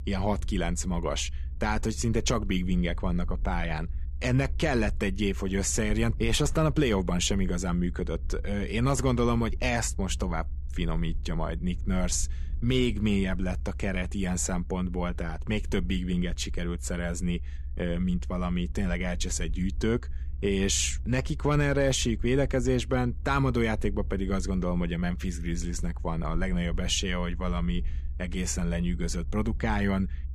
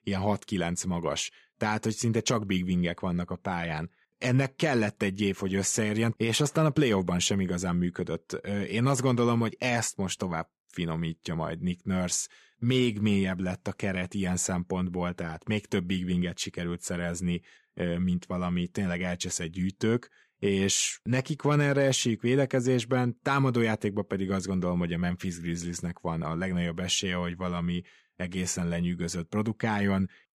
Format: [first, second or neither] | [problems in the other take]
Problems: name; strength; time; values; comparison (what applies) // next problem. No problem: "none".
second | low rumble; faint; throughout; 25 dB below the speech